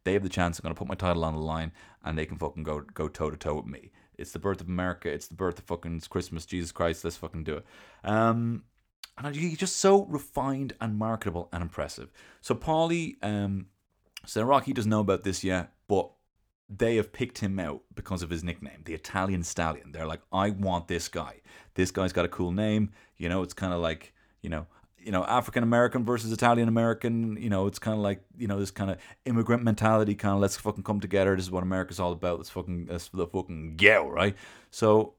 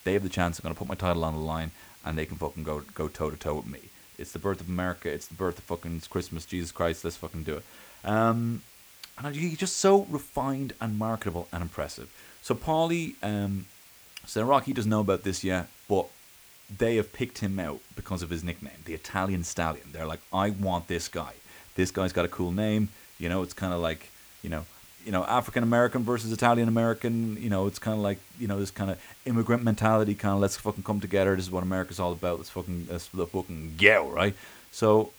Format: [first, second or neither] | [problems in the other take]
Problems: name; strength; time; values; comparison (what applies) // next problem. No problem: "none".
first | hiss; faint; throughout; 20 dB below the speech